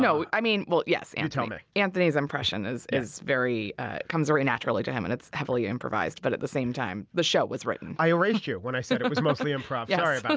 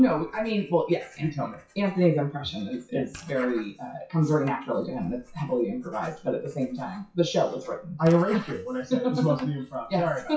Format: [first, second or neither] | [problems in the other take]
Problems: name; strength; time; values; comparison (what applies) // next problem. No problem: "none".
first | noise reduction (classical method WPE with log-MMSE)